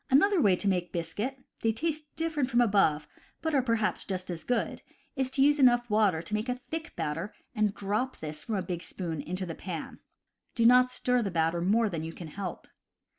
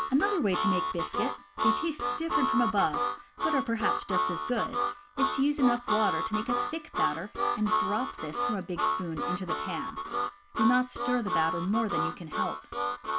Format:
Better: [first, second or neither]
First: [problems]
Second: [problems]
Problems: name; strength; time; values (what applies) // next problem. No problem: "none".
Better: first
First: none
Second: background sound (Harmonica); as loud as the speech